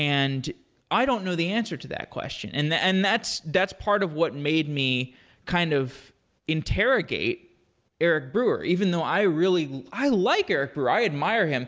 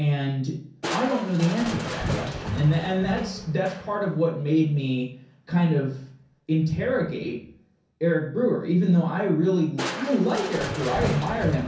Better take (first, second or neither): first